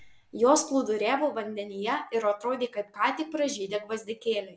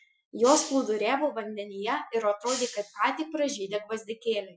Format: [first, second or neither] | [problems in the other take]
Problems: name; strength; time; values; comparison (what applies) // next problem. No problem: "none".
first | noise reduction (classical method Wiener filter)